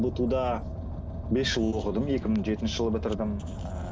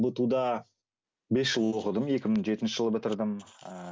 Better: second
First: background sound (Car); 5 dB below the speech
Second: none

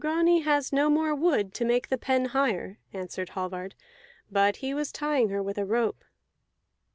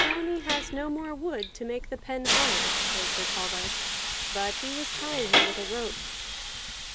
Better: first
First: none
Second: background sound (Hiss); 5 dB above the speech

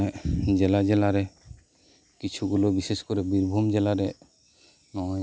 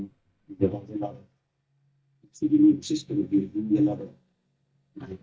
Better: first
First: none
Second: noise reduction (neural mask model DeepFilterNet 3)

